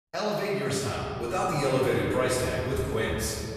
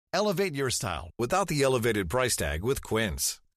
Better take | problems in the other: second | off-mic speech; far // room echo; strong; dies away in 2.3 s

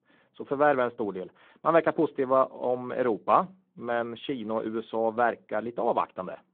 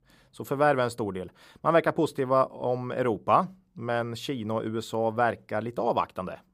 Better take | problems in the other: second | phone-call audio

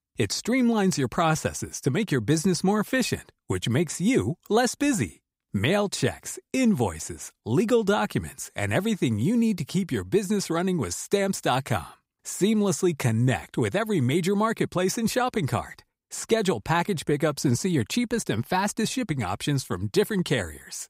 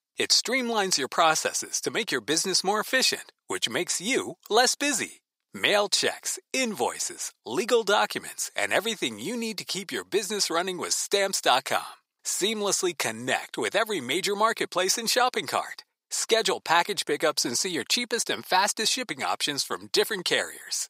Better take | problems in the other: first | thin; somewhat; fading below 550 Hz

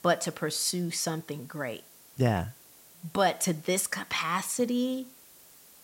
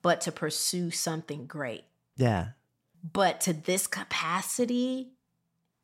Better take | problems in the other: second | hiss; faint; throughout; 20 dB below the speech

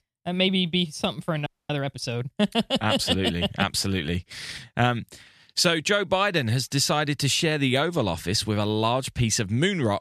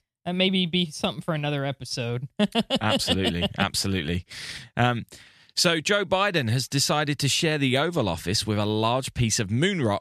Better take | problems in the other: second | audio freezing; at 1.5 s

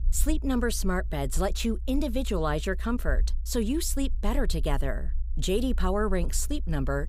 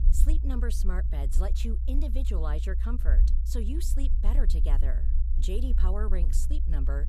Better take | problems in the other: first | low rumble; loud; throughout; 8 dB below the speech; faint in the first

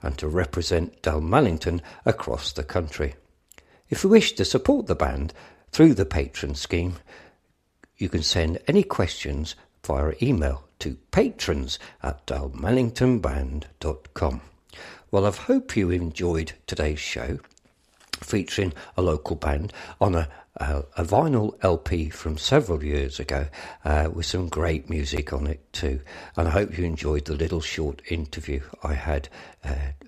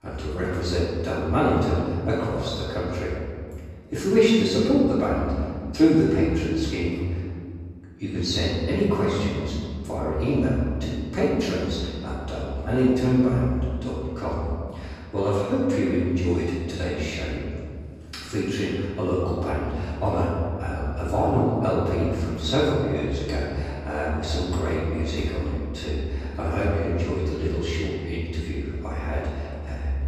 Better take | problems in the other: first | room echo; strong; dies away in 2.1 s // off-mic speech; far

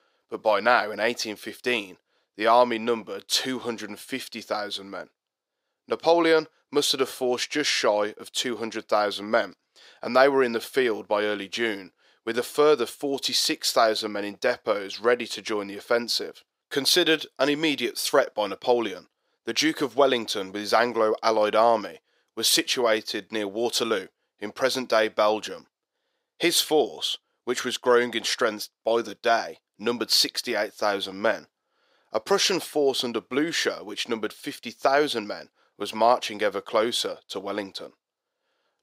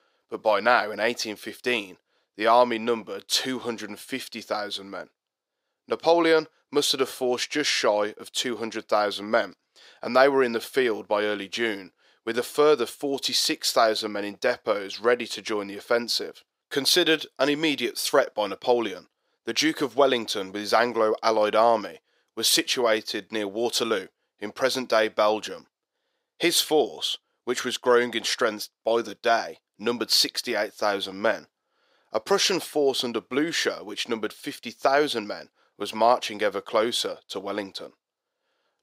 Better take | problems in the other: neither | thin; somewhat; fading below 500 Hz; the same in both

